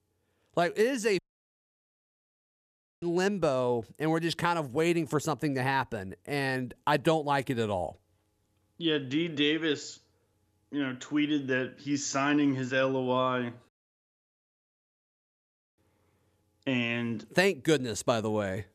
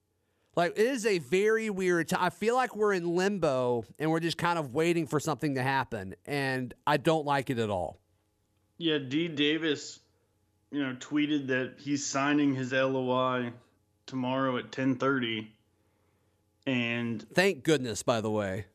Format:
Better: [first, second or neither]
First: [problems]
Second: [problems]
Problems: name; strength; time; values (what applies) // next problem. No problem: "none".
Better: second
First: audio cutting out; at 1 s for 2 s and at 14 s for 2 s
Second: none